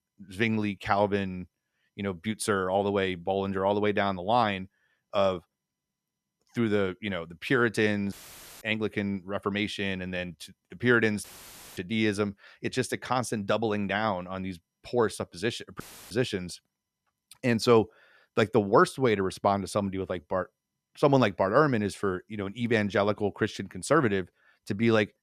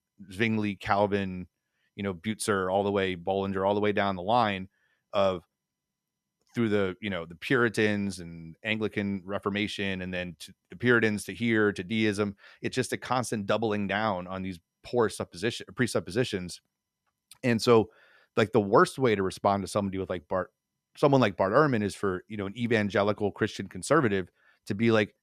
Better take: second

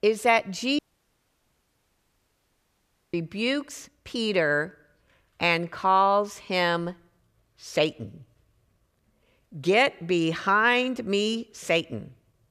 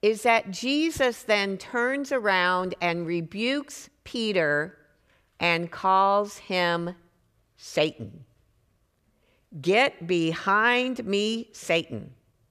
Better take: second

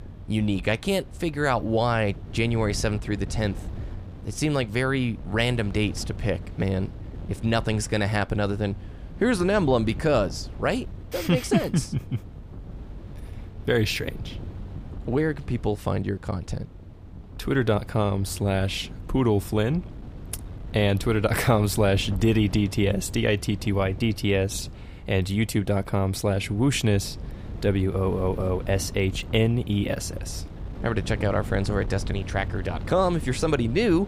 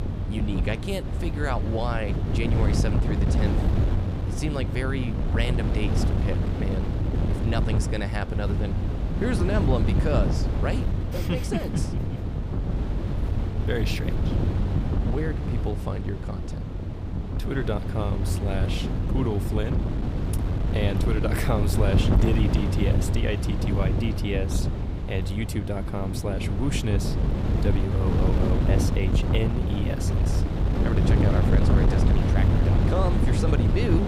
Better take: first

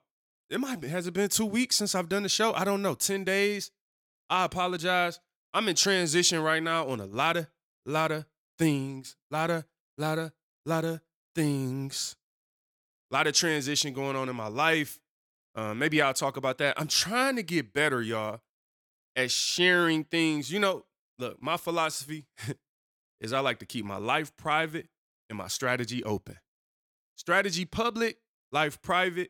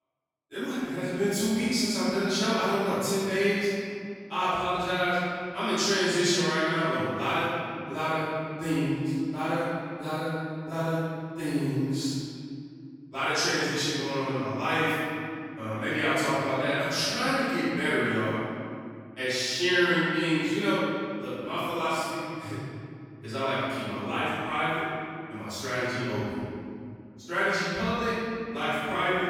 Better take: first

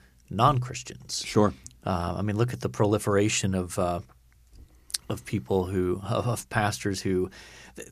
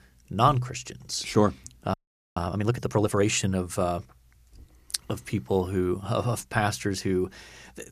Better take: first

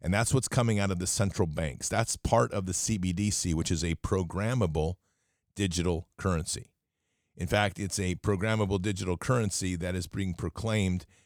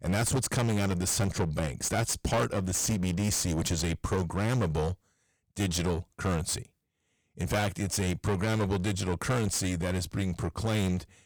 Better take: first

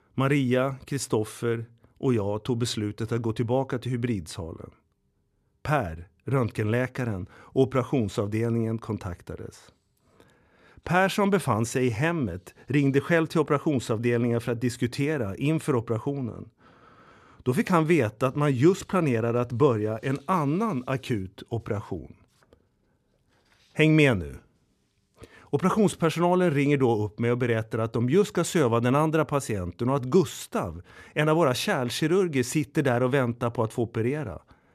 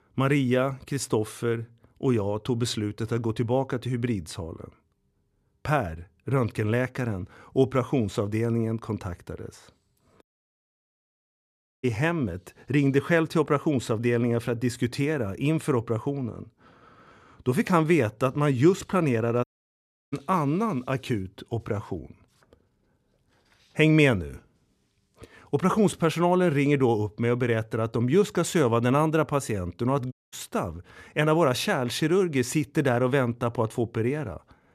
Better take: first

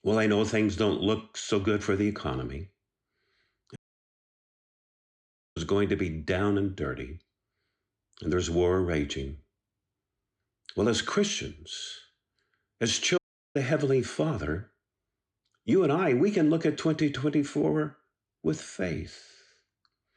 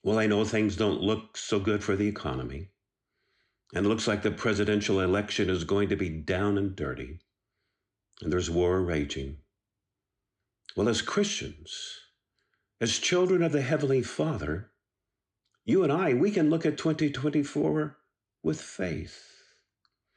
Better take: second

